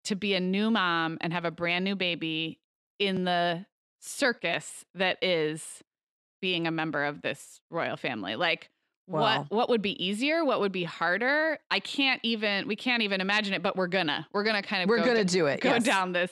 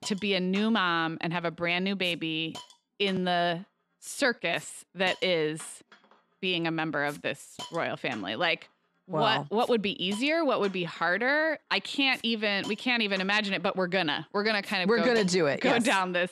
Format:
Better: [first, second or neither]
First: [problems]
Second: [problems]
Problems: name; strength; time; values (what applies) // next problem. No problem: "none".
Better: first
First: none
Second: hiss; faint; throughout; 20 dB below the speech